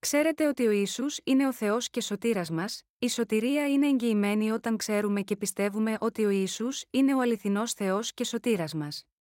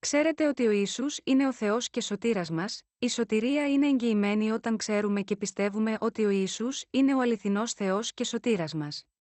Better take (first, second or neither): first